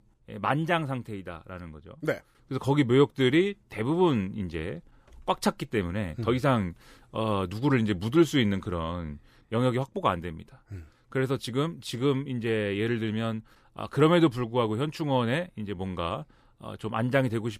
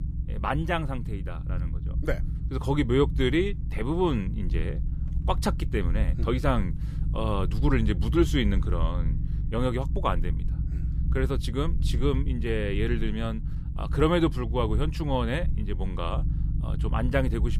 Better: first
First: none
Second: low rumble; noticeable; throughout; 15 dB below the speech

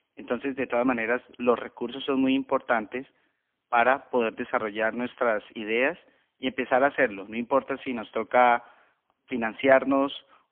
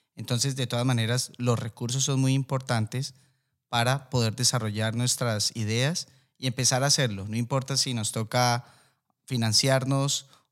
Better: second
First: phone-call audio; poor line; nothing above 3.5 kHz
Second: none

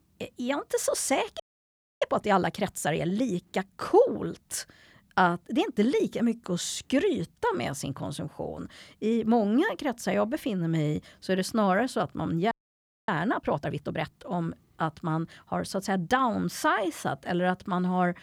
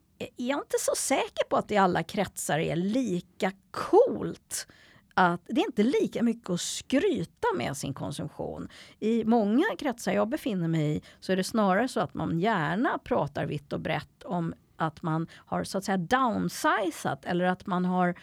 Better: second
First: audio freezing; at 1.5 s for 0.5 s and at 13 s for 0.5 s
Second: none

